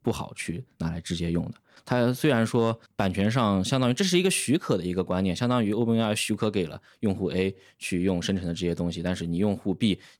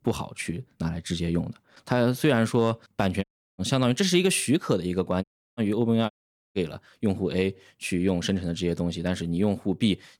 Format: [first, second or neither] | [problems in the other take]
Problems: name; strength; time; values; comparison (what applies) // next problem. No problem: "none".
first | audio cutting out; at 3 s, at 5 s and at 6 s